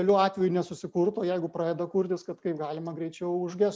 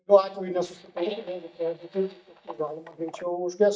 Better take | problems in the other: first | noise reduction (neural mask model DeepFilterNet 3)

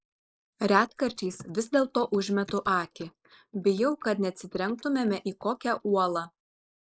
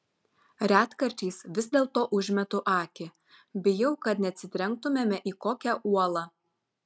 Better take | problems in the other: second | noise reduction (neural mask model Resemble Enhance denoiser)

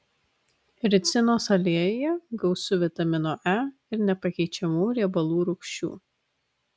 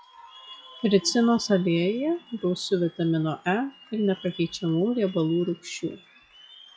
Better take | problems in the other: first | noise reduction (classical method WPE with log-MMSE)

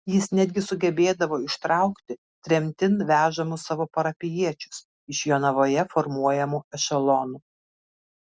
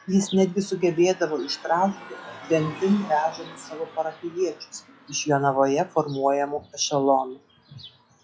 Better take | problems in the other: first | noise reduction (classical method log-MMSE)

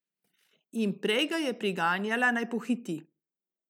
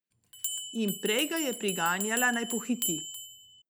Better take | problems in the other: first | background sound (Bell); 5 dB below the speech

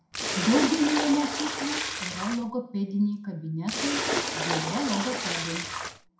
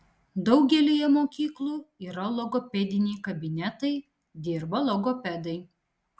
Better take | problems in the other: second | background sound (Splash, splatter); 1 dB below the speech // room echo; dies away in 0.5 s

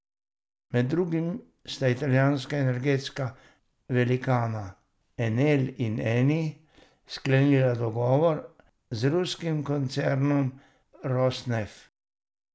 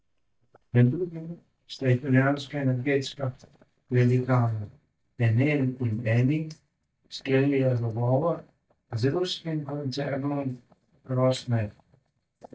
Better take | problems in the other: first | noise reduction (neural mask model DeepFilterNet 3)

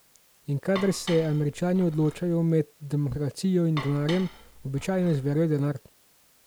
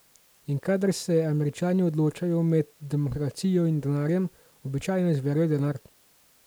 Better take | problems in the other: second | background sound (Dishes, pots, and pans); 15 dB below the speech

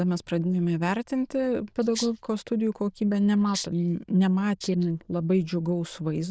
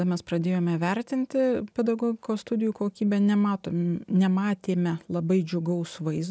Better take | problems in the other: second | noise reduction (neural diffusion model UNIVERSE++)

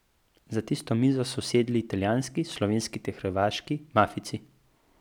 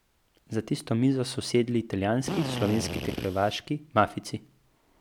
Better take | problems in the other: first | background sound (Drill); 5 dB below the speech

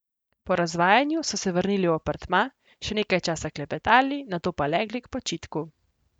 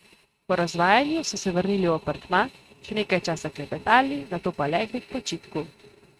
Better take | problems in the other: first | noise reduction (neural mask model RNNoise)

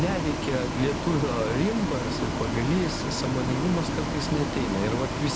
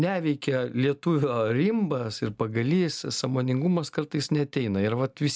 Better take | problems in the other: second | background sound (Bus); 1 dB below the speech

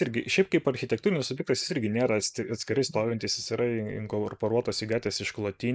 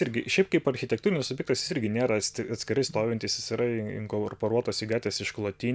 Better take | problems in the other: second | noise reduction (neural mask model Resemble Enhance denoiser)

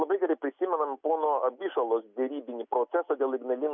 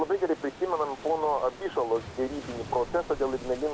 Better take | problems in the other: first | background sound (Waves, surf); 14 dB below the speech

